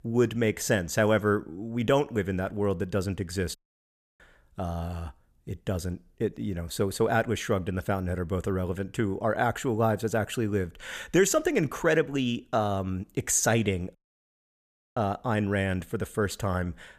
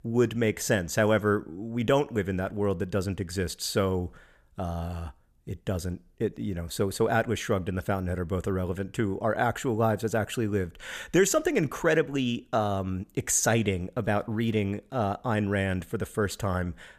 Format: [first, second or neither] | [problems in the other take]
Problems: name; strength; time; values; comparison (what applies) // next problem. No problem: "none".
second | audio cutting out; at 3.5 s for 0.5 s and at 14 s for 1 s